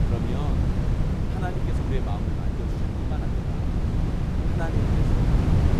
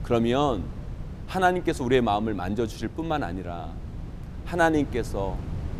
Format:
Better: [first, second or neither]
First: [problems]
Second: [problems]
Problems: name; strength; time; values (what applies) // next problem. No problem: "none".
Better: second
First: wind noise on the microphone; heavy; 4 dB above the speech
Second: wind noise on the microphone; occasional gusts; 20 dB below the speech